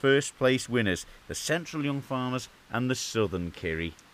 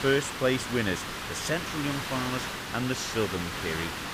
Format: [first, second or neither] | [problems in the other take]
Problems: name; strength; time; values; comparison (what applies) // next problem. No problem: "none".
first | hiss; loud; throughout; 3 dB below the speech; faint in the first